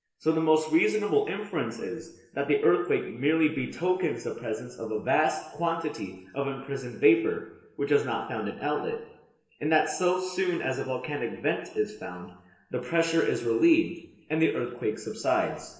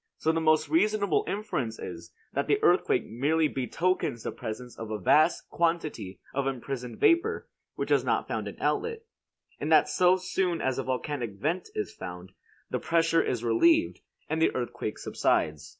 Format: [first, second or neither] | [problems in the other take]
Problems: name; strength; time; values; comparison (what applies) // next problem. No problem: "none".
second | room echo; dies away in 0.8 s